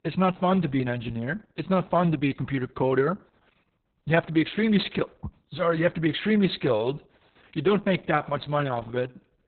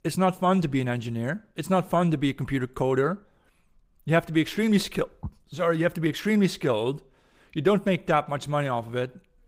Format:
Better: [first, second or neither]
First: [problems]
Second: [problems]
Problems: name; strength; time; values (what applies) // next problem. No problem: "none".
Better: second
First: garbled, watery; badly; nothing above 4 kHz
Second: garbled, watery; slightly; nothing above 15.5 kHz